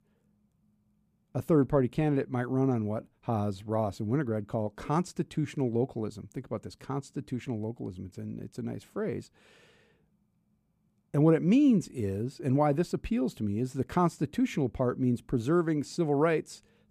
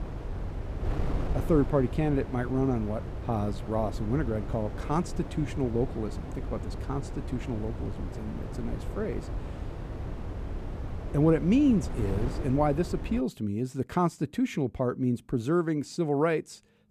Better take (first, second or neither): first